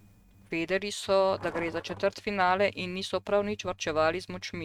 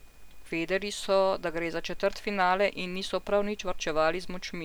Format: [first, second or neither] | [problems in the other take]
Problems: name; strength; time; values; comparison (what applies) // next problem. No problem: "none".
second | noise reduction (neural mask model RNNoise)